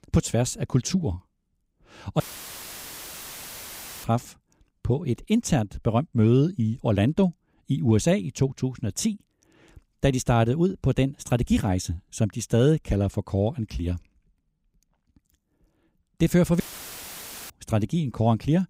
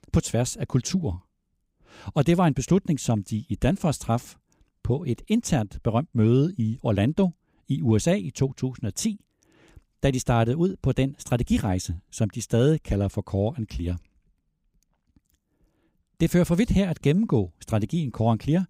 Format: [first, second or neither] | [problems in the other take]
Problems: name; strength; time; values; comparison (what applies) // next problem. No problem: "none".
second | audio cutting out; filled with static; at 2 s for 2 s and at 17 s for 1 s